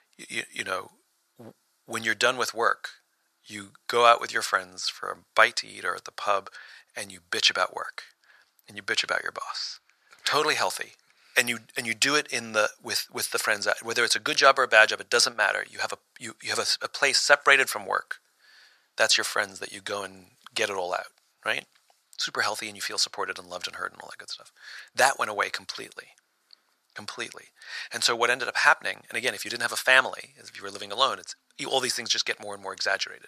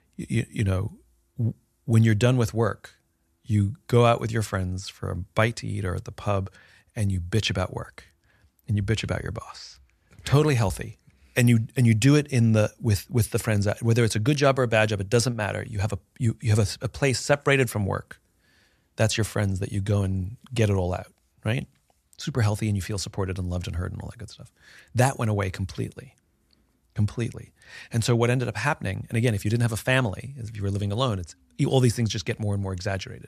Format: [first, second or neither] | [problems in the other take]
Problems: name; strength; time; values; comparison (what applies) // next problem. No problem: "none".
second | thin; very; fading below 750 Hz